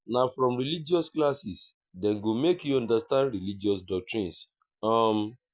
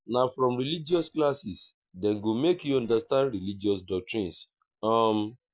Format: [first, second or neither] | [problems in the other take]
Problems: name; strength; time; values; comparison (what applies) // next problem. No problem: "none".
first | noise reduction (neural separator model SepFormer DNS4)